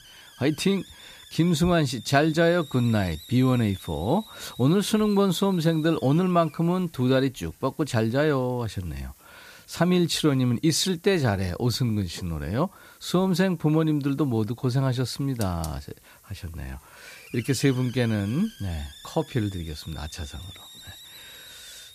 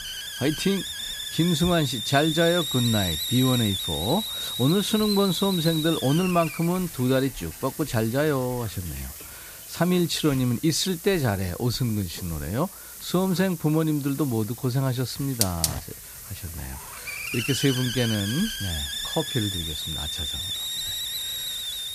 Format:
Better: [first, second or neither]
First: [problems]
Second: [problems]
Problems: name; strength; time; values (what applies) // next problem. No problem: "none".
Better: first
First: hiss; faint; throughout; 20 dB below the speech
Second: hiss; loud; throughout; 5 dB below the speech